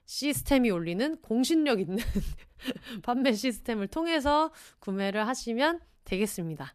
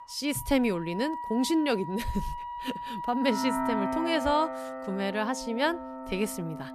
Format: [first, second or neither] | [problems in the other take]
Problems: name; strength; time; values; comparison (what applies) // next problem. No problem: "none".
first | background music; loud; throughout; 6 dB below the speech